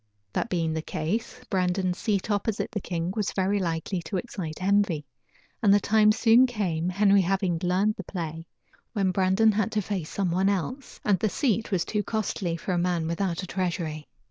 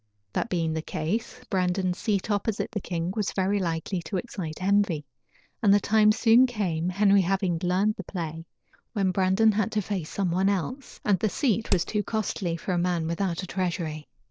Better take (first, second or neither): first